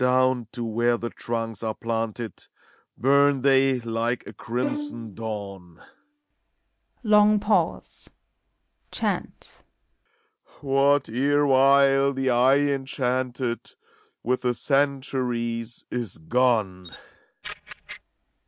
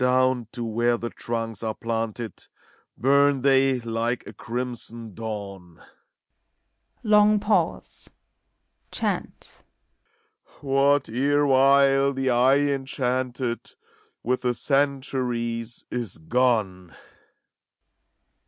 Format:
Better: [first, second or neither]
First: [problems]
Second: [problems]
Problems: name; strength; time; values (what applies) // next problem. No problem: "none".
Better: second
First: background sound (Bowed string instrument + Camera); 13 dB below the speech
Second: none